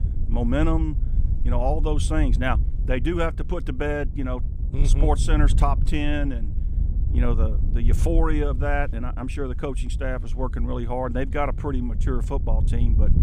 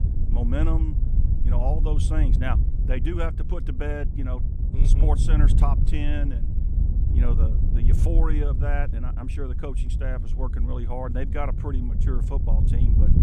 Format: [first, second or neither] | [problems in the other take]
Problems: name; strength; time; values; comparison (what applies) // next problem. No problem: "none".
first | wind noise on the microphone; heavy; 6 dB below the speech; occasional gusts in the first